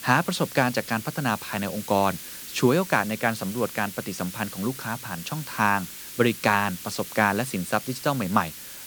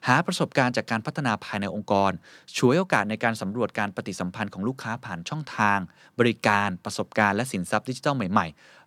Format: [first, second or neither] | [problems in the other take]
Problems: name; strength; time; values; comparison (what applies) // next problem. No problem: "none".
second | hiss; noticeable; throughout; 10 dB below the speech